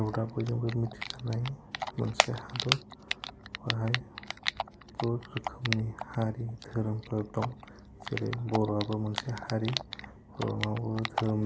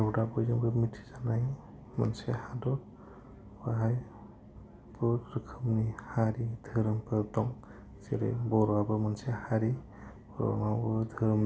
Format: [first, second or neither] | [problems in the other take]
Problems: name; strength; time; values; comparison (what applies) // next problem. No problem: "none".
second | background sound (Typing); 5 dB below the speech